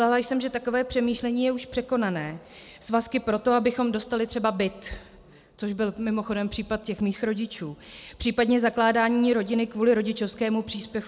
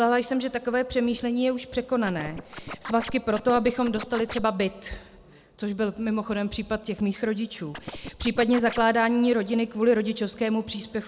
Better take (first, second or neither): first